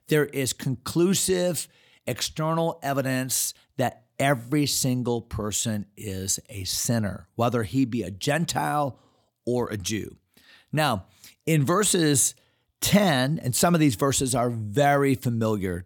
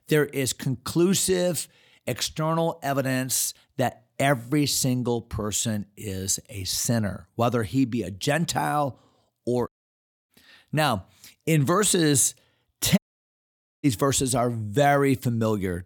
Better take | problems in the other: first | audio cutting out; at 9.5 s for 0.5 s and at 13 s for 1 s

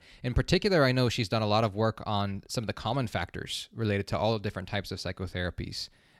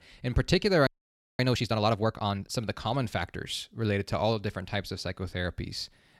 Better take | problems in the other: first | audio freezing; at 1 s for 0.5 s

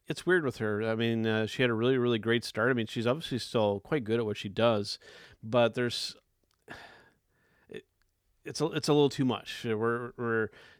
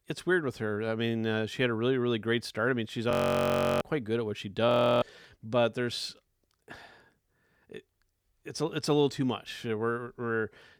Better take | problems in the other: first | audio freezing; at 3 s for 0.5 s and at 4.5 s

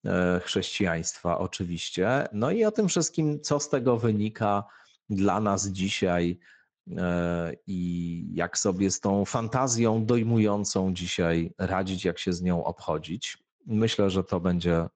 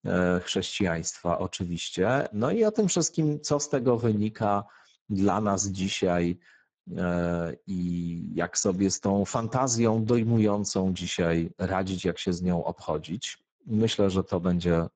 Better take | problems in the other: first | garbled, watery; badly; nothing above 7.5 kHz; slightly in the first

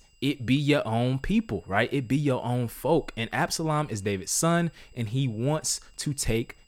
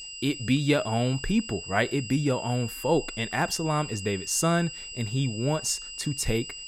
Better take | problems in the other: first | high-pitched whine; loud; throughout; 3 kHz, 10 dB below the speech; faint in the first

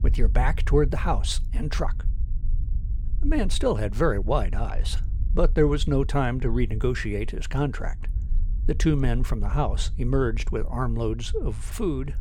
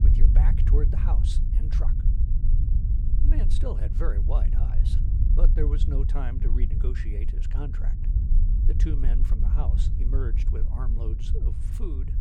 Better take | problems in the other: first | low rumble; loud; throughout; 3 dB below the speech; faint in the first

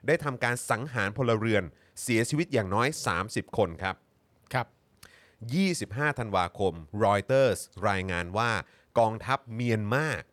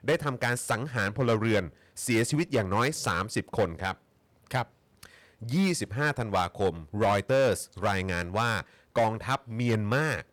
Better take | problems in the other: first | distortion; slight; 5% of the sound clipped

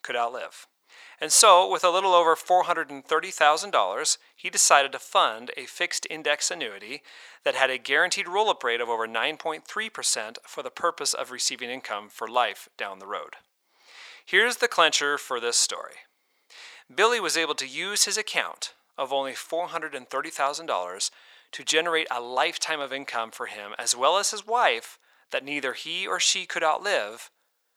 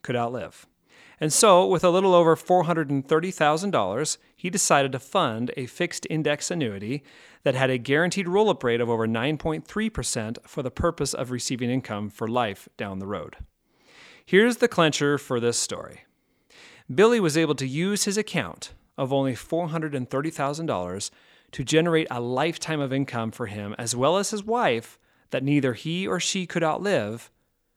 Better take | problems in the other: second | thin; very; fading below 800 Hz

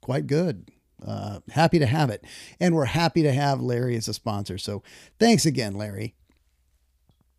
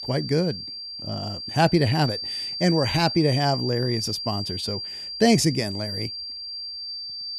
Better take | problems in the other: first | high-pitched whine; loud; throughout; 4.5 kHz, 6 dB below the speech

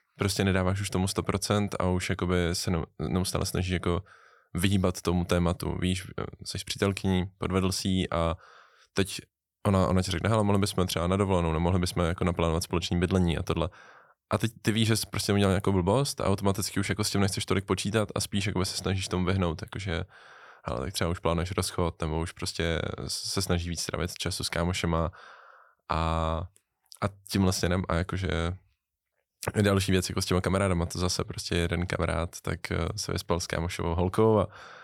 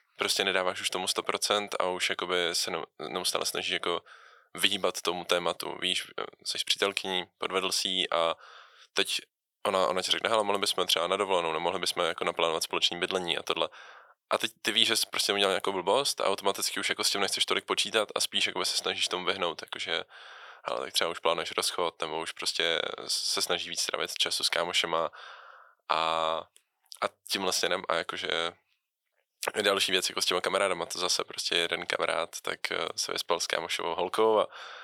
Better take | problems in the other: first | thin; very; fading below 550 Hz

